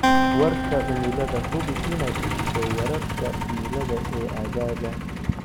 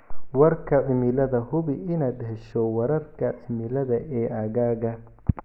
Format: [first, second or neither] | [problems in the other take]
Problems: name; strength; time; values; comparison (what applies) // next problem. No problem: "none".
second | background sound (Acoustic guitar + Truck); 2 dB above the speech